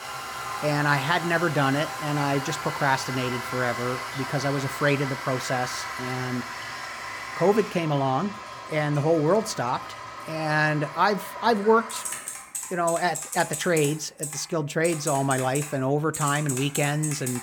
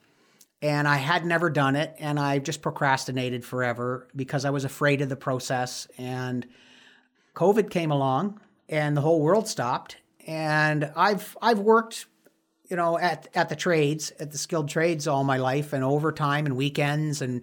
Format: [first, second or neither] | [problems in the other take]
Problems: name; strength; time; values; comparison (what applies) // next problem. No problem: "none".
second | household noises; loud; throughout; 8 dB below the speech